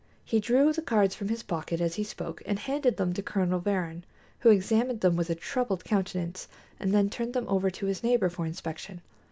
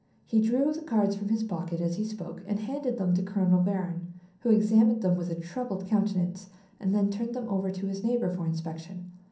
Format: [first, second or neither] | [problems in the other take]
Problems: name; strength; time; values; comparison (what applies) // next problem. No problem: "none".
first | room echo; dies away in 0.6 s